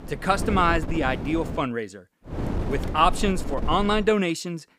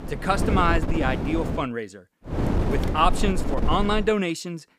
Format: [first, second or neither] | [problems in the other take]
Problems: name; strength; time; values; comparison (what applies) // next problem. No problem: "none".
first | wind noise on the microphone; heavy; until 1.5 s and from 2.5 to 4 s; 8 dB below the speech; occasional gusts in the first